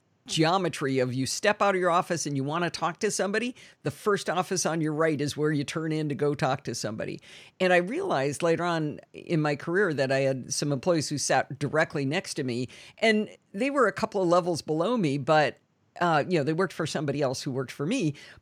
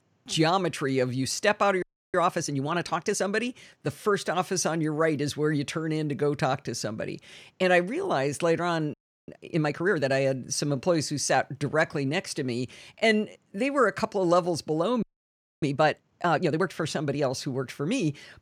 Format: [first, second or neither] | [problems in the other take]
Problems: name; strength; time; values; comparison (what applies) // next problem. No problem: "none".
first | audio freezing; at 2 s, at 9 s and at 15 s for 0.5 s